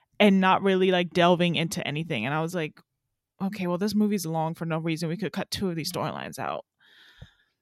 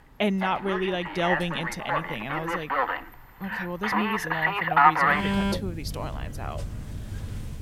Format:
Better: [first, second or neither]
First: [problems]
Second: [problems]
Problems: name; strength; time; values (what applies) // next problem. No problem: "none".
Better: first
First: none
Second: alarms or sirens; very loud; throughout; 4 dB above the speech